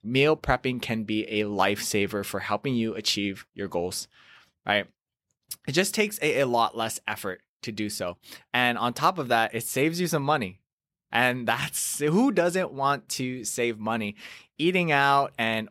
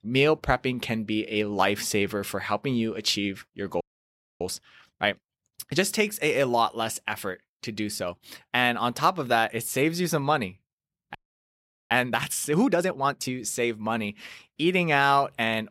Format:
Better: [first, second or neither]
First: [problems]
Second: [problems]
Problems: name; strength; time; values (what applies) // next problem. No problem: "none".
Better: first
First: none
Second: audio freezing; at 4 s for 0.5 s and at 11 s for 1 s